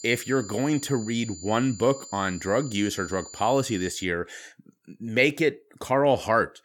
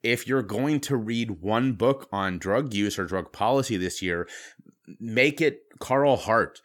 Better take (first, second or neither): second